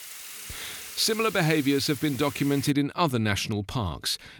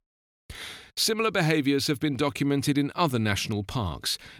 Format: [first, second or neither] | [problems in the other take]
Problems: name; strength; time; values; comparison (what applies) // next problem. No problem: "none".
second | hiss; noticeable; until 2.5 s; 15 dB below the speech